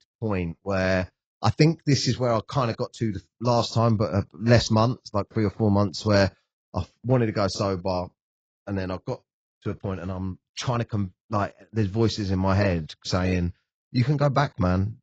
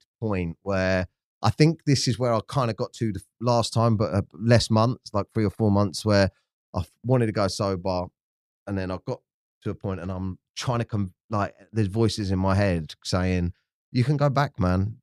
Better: second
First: garbled, watery; badly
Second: none

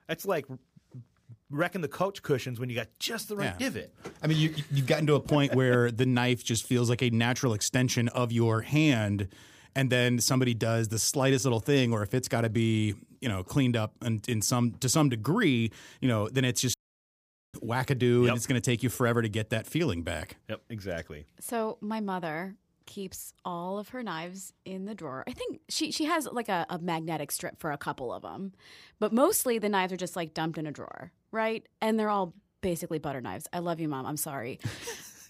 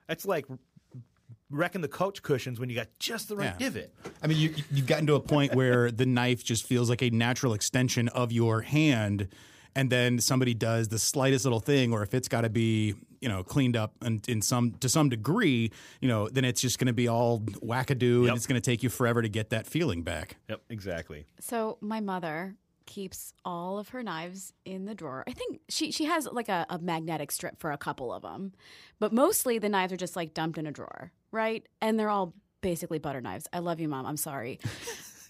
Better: second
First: audio cutting out; at 17 s for 1 s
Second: none

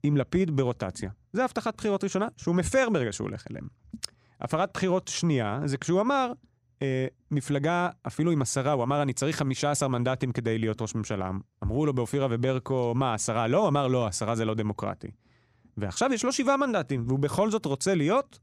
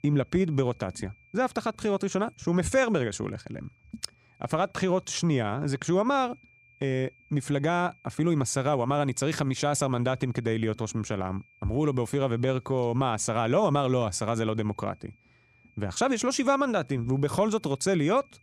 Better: first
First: none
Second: high-pitched whine; faint; throughout; 2.5 kHz, 30 dB below the speech

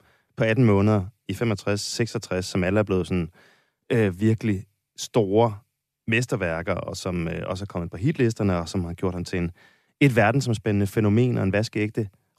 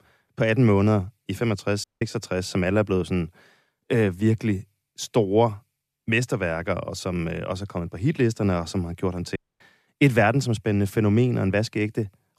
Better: first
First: none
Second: audio cutting out; at 2 s and at 9.5 s

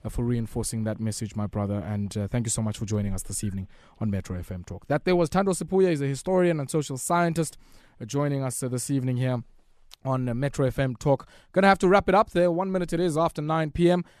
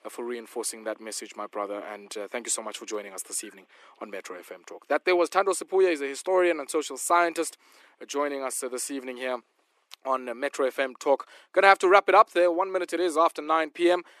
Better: first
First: none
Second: thin; very; fading below 300 Hz

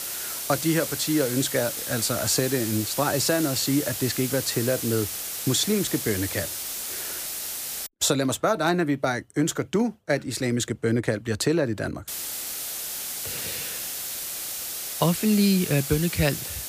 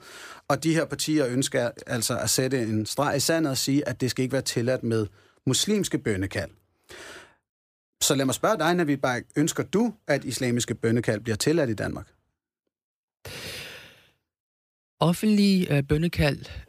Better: second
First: hiss; loud; until 8 s and from 12 s on; 5 dB below the speech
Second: none

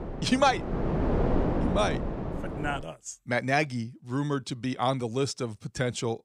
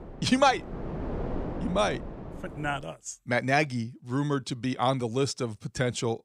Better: second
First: wind noise on the microphone; heavy; until 3 s; 5 dB below the speech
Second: wind noise on the microphone; occasional gusts; until 3 s; 15 dB below the speech

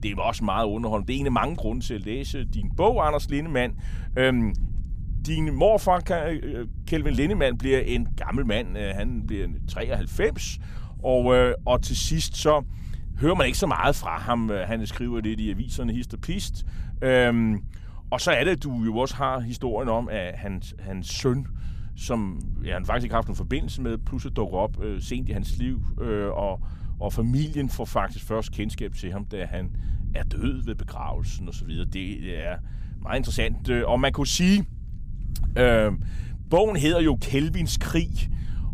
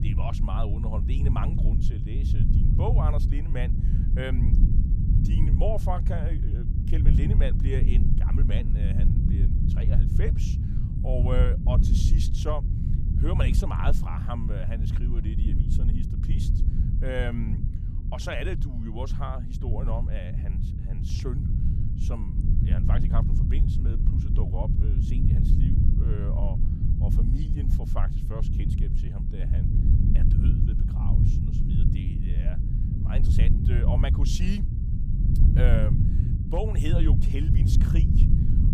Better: first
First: low rumble; faint; throughout; 25 dB below the speech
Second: low rumble; loud; throughout; 2 dB below the speech

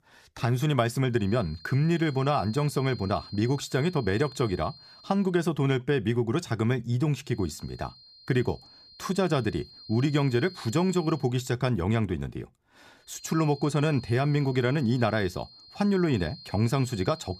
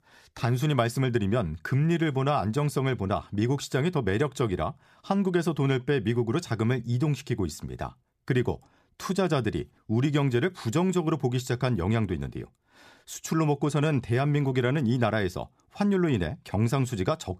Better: second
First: high-pitched whine; noticeable; from 1 to 5 s, from 7.5 to 11 s and from 13 s on; 4 kHz, 20 dB below the speech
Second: none

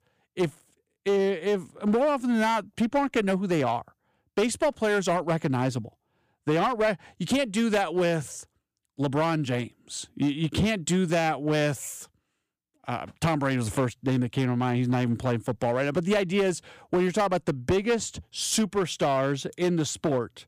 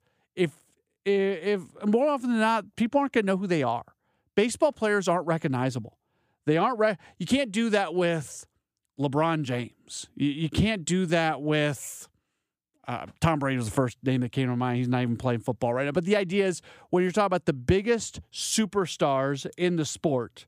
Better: second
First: distortion; slight; 7% of the sound clipped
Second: none

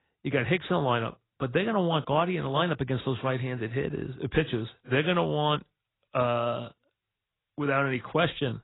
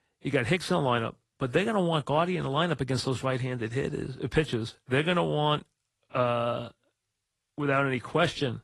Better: second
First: garbled, watery; badly; nothing above 4 kHz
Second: garbled, watery; slightly

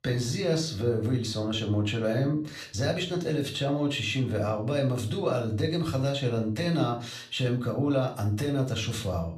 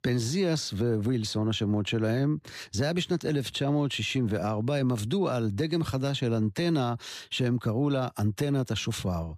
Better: second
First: room echo; slight; dies away in 0.3 s // off-mic speech; somewhat distant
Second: none

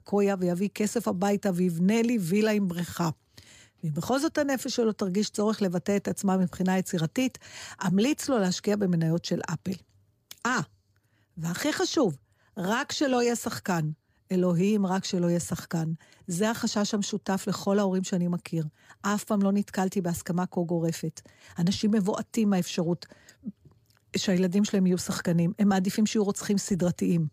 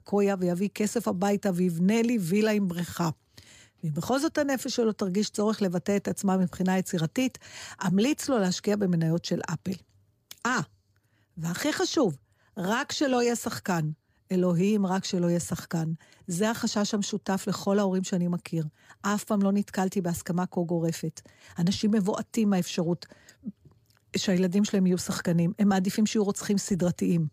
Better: neither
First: none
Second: none

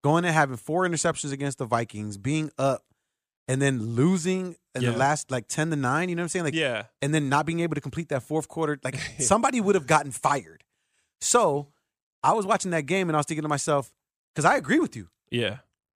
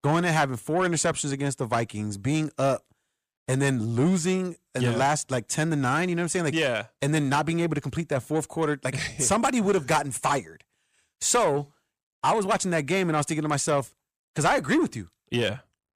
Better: first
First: none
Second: distortion; slight; 10 dB below the speech

